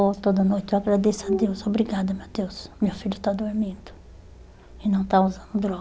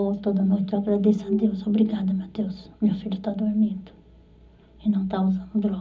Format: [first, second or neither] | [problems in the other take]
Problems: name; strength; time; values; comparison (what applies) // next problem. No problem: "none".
first | room echo; dies away in 0.4 s